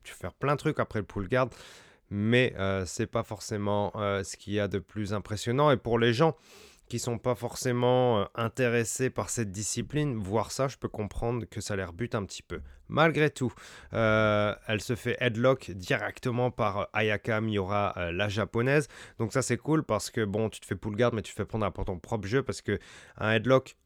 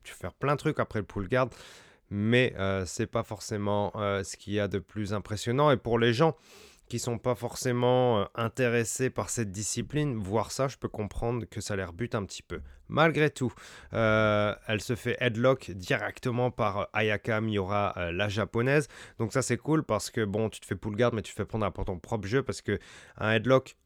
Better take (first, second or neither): neither